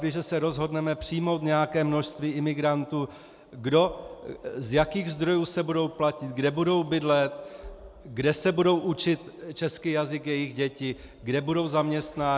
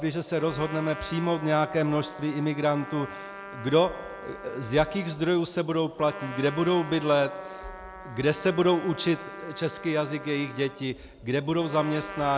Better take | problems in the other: first | background sound (Trumpet); 14 dB below the speech

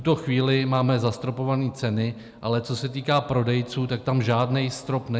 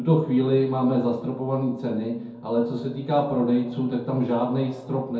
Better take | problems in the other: first | room echo; dies away in 0.6 s

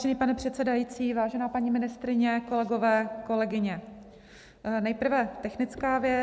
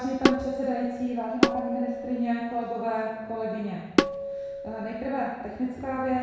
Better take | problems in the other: first | background sound (Tabla); 1 dB above the speech // room echo; dies away in 1.1 s

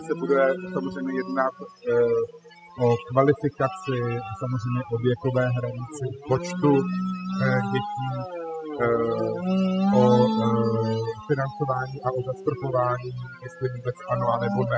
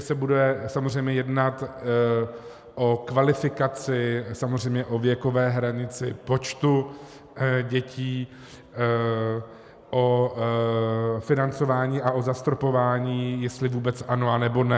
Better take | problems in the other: second | noise reduction (classical method spectral subtraction)

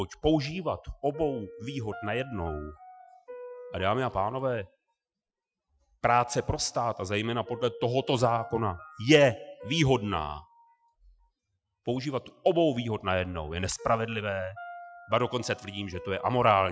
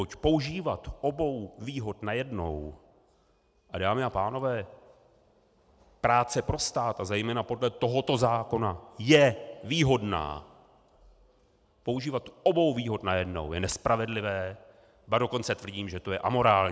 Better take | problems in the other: second | noise reduction (classical method Wiener filter)

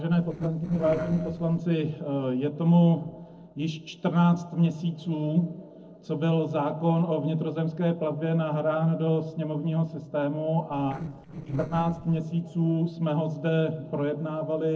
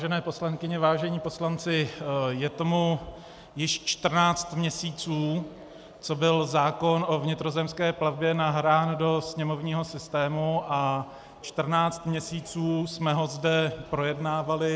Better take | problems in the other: second | noise reduction (neural separator model SepFormer DNS4)

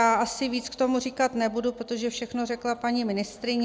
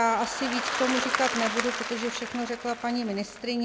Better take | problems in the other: first | background sound (Applause); 4 dB below the speech

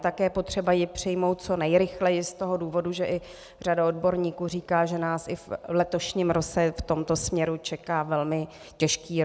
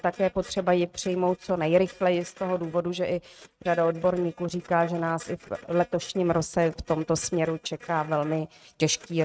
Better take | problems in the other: first | noise reduction (neural mask model RNNoise)

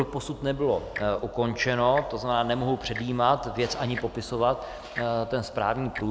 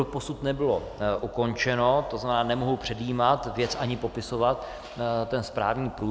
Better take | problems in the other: second | background sound (Tick-tock); 17 dB below the speech

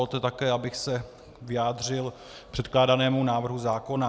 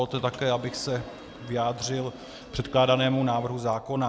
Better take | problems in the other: first | background sound (Subway, metro, underground / Sliding door); 16 dB below the speech

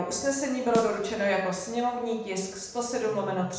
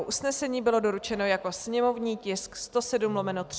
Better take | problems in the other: second | background sound (Snare drum); 11 dB below the speech // room echo; dies away in 0.9 s

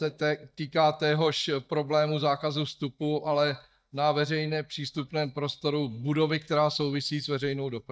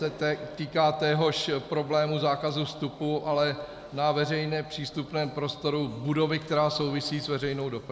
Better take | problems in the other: second | noise reduction (neural mask model DeepFilterNet 3)

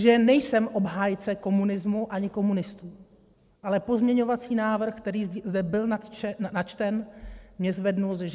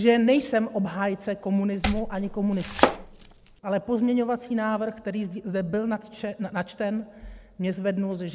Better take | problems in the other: first | background sound (Domestic sounds, home sounds); 2 dB below the speech

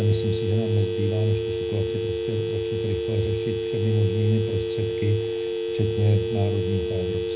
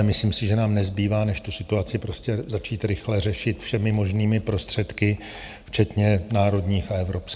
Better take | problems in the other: second | background sound (Telephone); 1 dB below the speech // room echo; dies away in 0.4 s

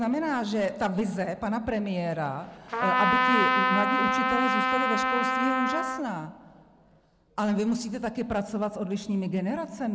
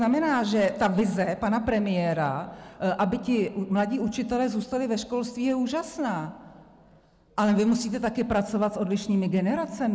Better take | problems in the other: second | background sound (Trumpet); 4 dB above the speech

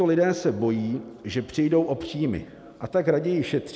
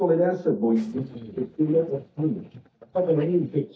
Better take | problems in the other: first | noise reduction (neural mask model DeepFilterNet 3)

